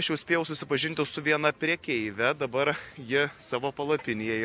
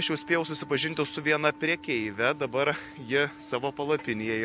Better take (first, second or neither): first